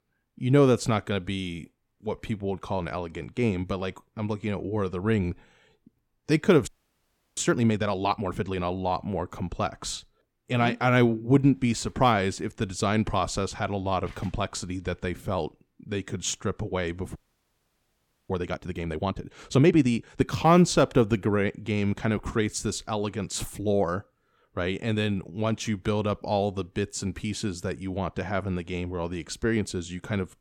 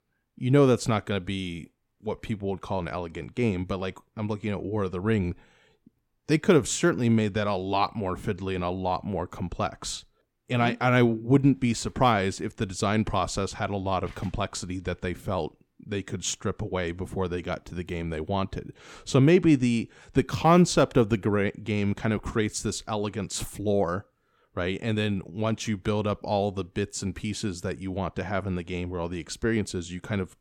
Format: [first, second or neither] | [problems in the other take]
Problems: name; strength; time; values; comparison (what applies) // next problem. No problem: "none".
second | audio freezing; at 6.5 s for 0.5 s and at 17 s for 1 s